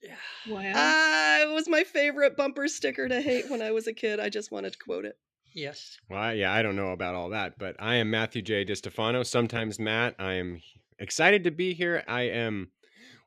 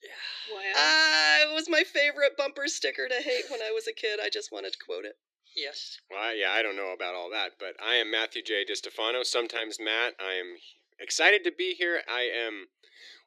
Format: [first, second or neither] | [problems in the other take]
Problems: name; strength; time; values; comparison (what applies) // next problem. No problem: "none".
first | thin; very; fading below 350 Hz